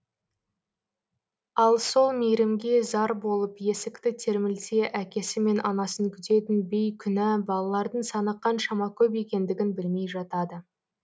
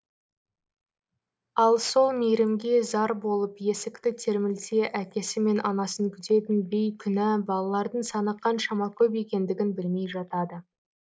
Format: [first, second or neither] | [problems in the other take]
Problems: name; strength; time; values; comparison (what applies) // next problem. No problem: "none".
first | noise reduction (neural mask model Resemble Enhance denoiser)